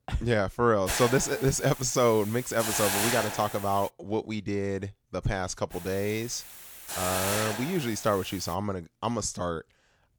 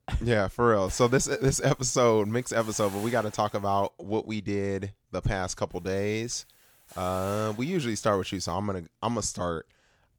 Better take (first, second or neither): second